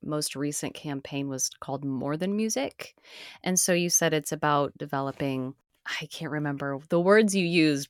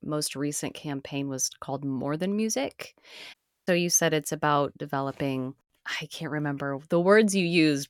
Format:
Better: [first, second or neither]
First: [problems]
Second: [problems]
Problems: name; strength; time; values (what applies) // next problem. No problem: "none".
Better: first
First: none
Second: audio cutting out; at 3.5 s